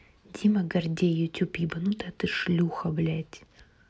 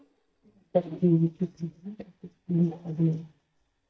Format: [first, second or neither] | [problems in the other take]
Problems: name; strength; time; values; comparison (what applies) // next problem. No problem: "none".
first | noise reduction (neural mask model DeepFilterNet 3)